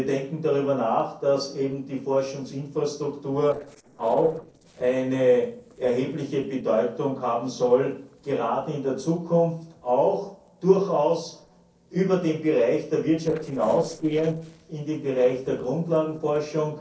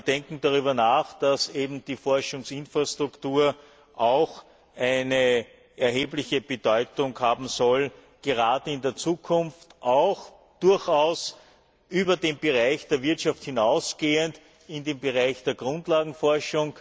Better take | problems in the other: second | noise reduction (neural separator model SepFormer DNS4)

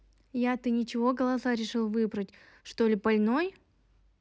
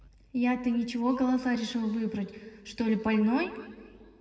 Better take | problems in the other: first | room echo; dies away in 2 s

